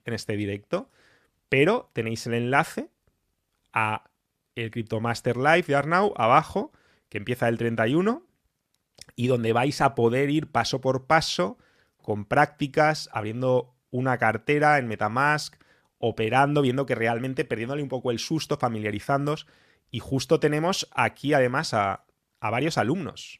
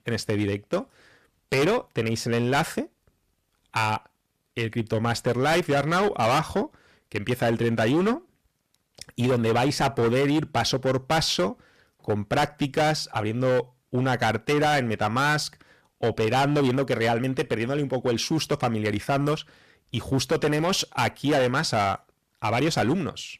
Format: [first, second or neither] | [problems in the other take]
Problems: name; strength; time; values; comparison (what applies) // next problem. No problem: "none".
first | distortion; heavy; 13% of the sound clipped